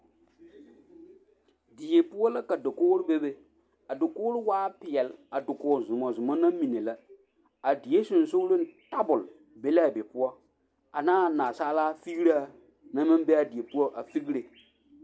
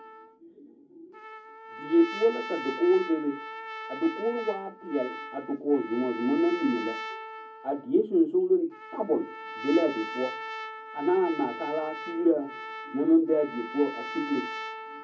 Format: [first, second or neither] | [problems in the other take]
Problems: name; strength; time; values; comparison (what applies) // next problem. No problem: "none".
first | background sound (Trumpet); 11 dB below the speech // room echo; dies away in 0.3 s